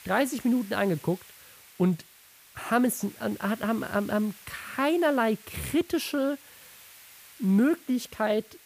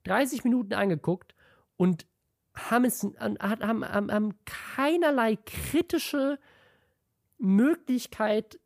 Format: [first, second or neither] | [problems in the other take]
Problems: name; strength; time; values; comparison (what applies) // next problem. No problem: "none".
second | hiss; faint; throughout; 20 dB below the speech